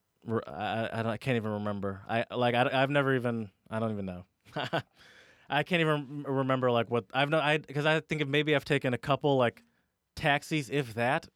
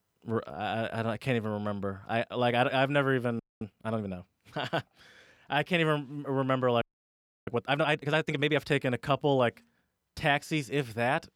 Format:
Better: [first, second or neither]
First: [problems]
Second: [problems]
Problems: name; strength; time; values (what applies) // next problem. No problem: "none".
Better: first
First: none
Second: audio freezing; at 3.5 s and at 7 s for 0.5 s